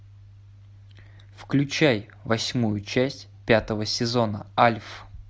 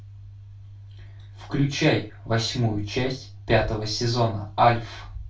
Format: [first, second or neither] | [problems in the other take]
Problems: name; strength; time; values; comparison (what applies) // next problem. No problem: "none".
first | room echo; dies away in 0.2 s